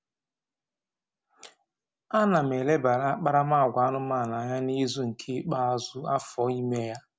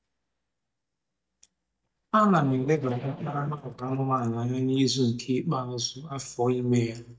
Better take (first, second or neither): first